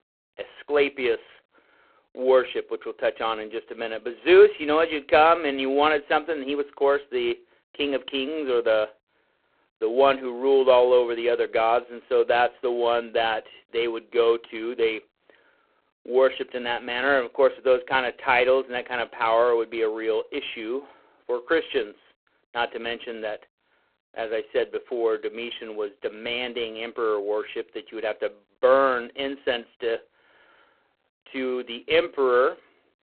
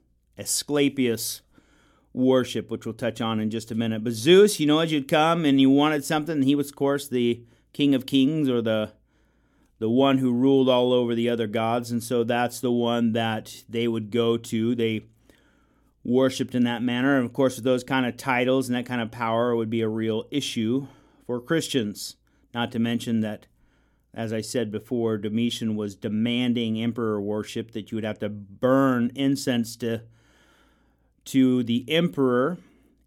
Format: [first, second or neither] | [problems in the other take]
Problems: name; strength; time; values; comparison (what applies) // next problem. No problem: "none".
second | phone-call audio; poor line